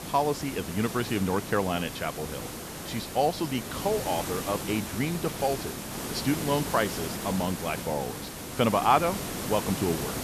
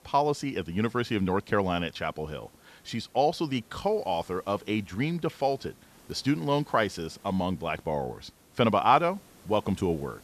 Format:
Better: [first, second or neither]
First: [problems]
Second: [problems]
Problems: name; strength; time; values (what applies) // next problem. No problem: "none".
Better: second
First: hiss; loud; throughout; 6 dB below the speech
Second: hiss; faint; throughout; 25 dB below the speech